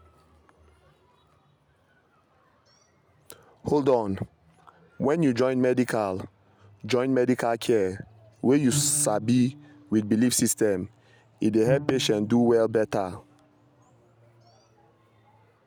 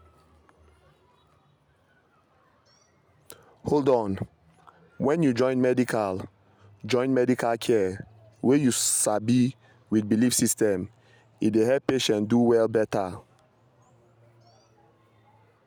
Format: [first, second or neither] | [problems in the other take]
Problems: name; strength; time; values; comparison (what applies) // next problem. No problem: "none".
second | background sound (Bowed string instrument); 12 dB below the speech